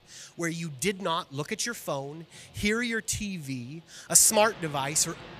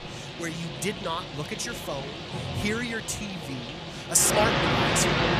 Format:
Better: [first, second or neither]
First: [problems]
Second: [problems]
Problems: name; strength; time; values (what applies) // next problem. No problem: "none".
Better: first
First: rain or running water; faint; throughout; 25 dB below the speech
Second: rain or running water; loud; throughout; 1 dB below the speech